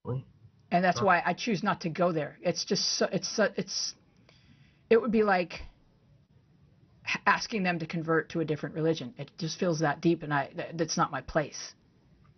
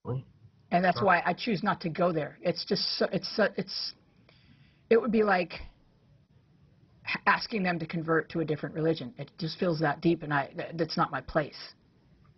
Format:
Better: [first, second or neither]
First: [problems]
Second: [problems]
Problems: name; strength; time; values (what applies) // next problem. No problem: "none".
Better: first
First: garbled, watery; slightly; nothing above 6 kHz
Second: garbled, watery; badly; nothing above 5.5 kHz